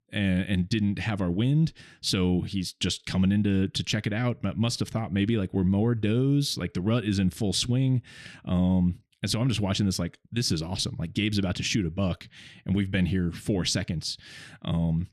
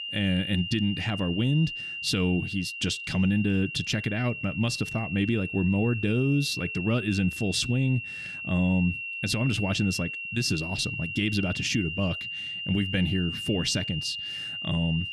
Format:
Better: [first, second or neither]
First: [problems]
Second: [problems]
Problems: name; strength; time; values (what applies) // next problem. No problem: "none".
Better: first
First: none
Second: high-pitched whine; loud; throughout; 2.5 kHz, 6 dB below the speech